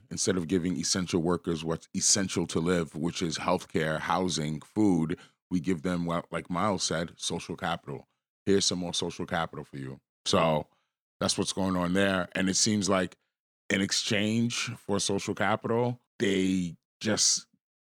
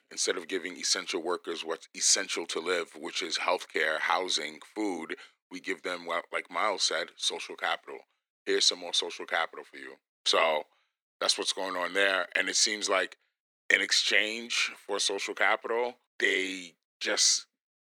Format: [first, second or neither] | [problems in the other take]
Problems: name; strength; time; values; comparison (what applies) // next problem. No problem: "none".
first | thin; very; fading below 350 Hz